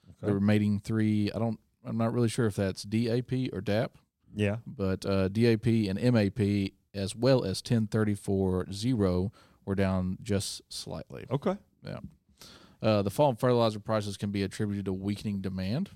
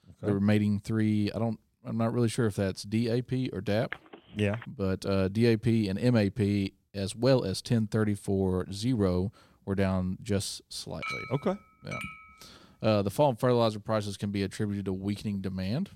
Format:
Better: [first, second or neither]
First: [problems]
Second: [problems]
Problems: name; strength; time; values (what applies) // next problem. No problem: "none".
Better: first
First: none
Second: phone ringing; faint; at 4 s; peak 15 dB below the speech // clattering dishes; noticeable; from 11 to 12 s; peak 6 dB below the speech